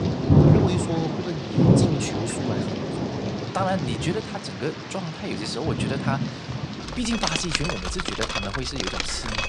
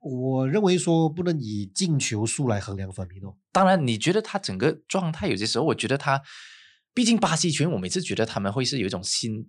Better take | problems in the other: second | rain or running water; very loud; throughout; 5 dB above the speech

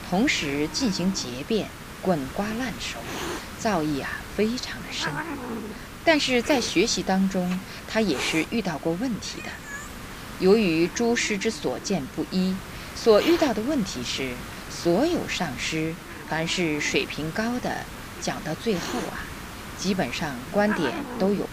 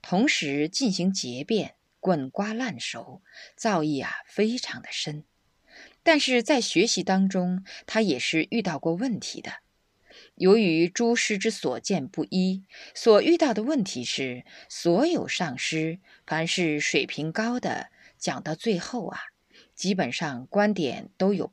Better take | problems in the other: second | hiss; noticeable; throughout; 10 dB below the speech

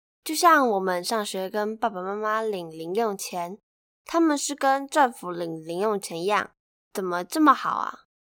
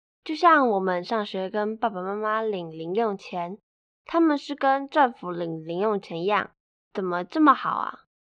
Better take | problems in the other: first | muffled; slightly; fading above 3.5 kHz

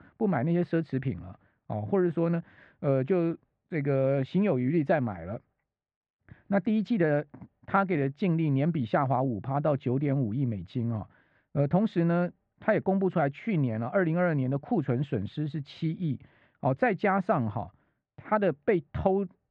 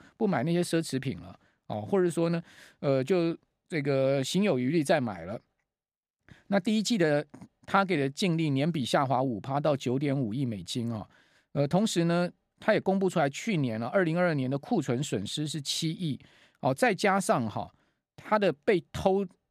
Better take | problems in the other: second | muffled; very; fading above 2 kHz

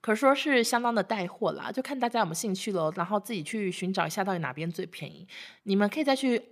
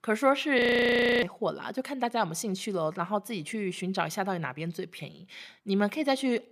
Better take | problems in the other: first | audio freezing; at 0.5 s for 0.5 s

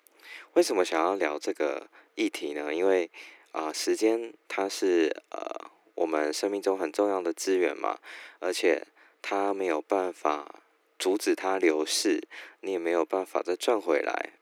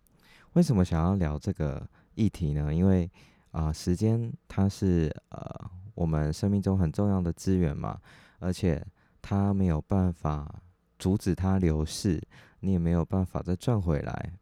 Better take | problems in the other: second | thin; very; fading below 300 Hz

